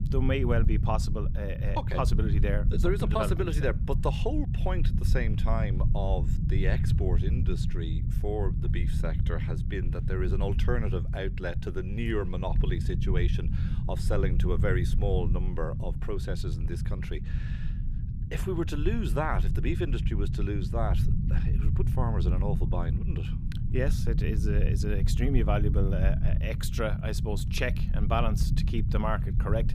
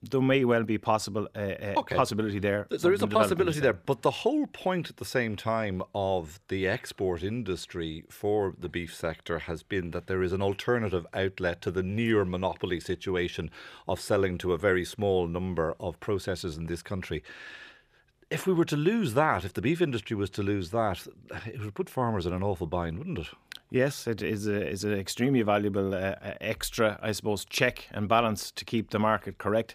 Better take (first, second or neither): second